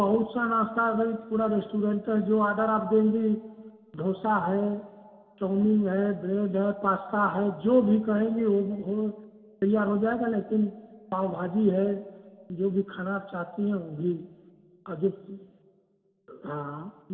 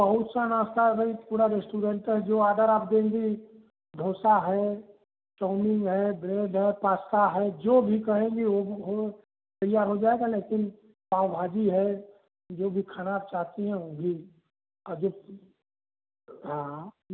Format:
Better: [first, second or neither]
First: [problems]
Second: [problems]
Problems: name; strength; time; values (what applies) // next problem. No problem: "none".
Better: second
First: room echo; dies away in 1.6 s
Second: none